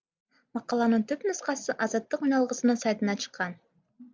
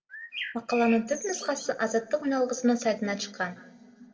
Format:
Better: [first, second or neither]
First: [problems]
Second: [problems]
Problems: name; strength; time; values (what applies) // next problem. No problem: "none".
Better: first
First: none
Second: background sound (Bird); 11 dB below the speech // room echo; dies away in 1.8 s